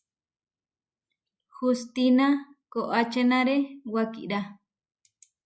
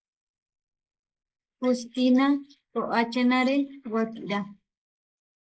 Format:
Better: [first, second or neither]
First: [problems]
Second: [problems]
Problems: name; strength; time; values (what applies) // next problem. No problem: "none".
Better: first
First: none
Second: noise reduction (neural mask model Resemble Enhance denoiser)